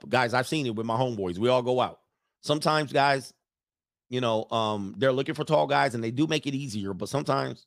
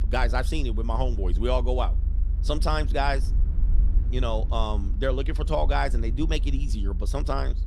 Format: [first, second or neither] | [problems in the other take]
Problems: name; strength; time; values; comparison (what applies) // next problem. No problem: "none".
first | low rumble; noticeable; throughout; 20 dB below the speech